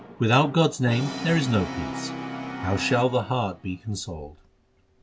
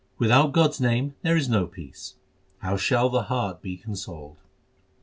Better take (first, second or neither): second